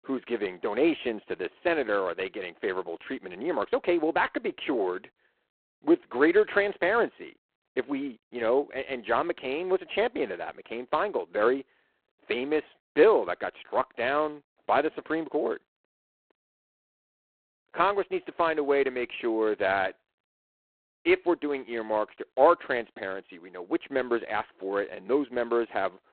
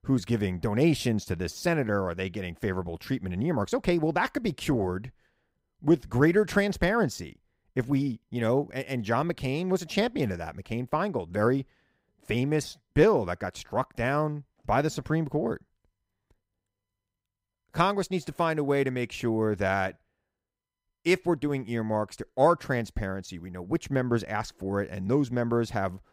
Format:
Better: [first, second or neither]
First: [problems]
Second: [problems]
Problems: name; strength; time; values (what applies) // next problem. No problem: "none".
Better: second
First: phone-call audio; poor line; nothing above 4 kHz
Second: none